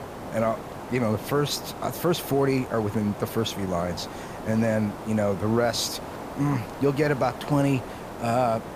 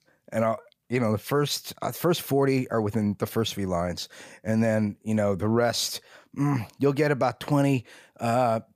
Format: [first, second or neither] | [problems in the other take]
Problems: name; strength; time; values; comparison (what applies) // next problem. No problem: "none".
second | hiss; noticeable; throughout; 10 dB below the speech